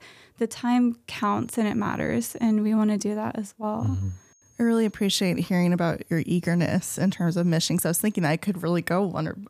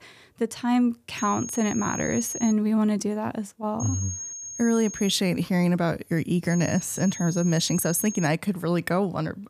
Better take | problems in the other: first | high-pitched whine; loud; from 1 to 2.5 s, from 4 to 5 s and from 6.5 to 8.5 s; 6.5 kHz, 9 dB below the speech; faint in the first

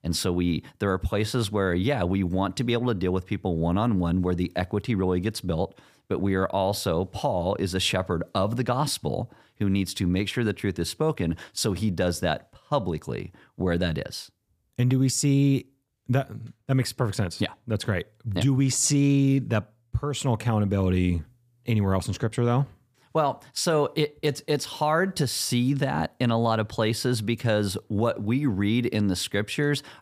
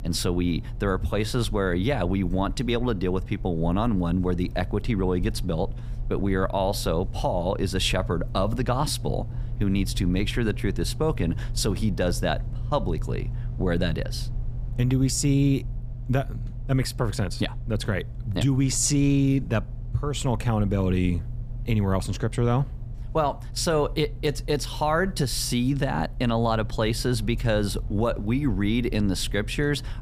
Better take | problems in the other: first | low rumble; faint; throughout; 20 dB below the speech

